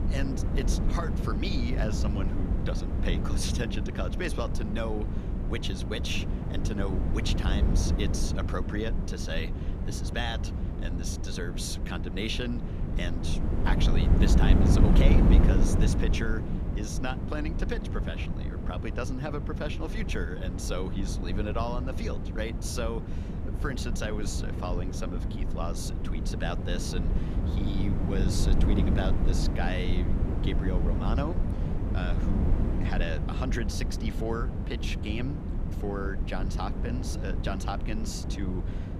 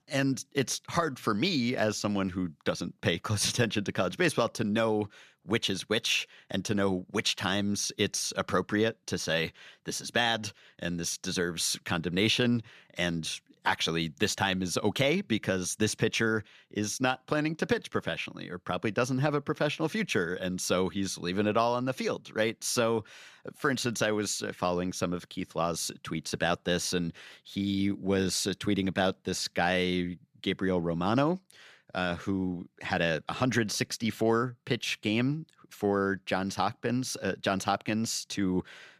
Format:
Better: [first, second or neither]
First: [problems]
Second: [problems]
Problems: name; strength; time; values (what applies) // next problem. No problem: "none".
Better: second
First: wind noise on the microphone; heavy; 3 dB below the speech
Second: none